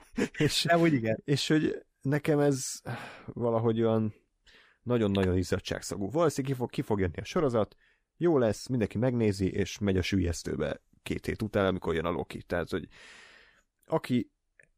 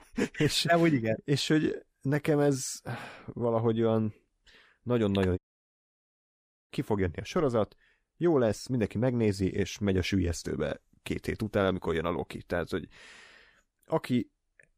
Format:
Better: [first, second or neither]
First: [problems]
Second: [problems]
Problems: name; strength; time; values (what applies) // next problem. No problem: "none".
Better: first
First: none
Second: audio cutting out; at 5.5 s for 1.5 s